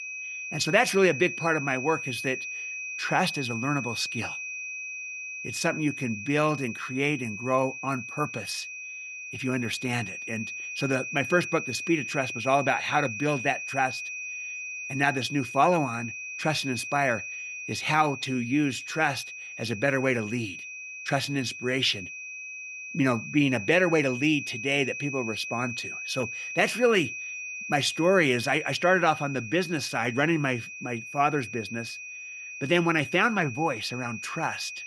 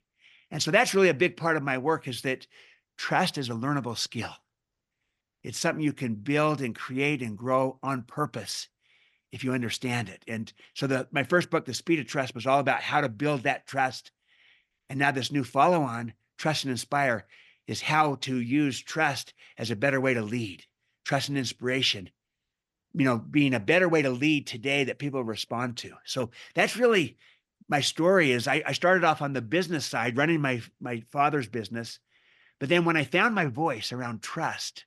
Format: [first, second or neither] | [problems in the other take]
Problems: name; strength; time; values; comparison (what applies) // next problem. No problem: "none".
second | high-pitched whine; loud; throughout; 2.5 kHz, 8 dB below the speech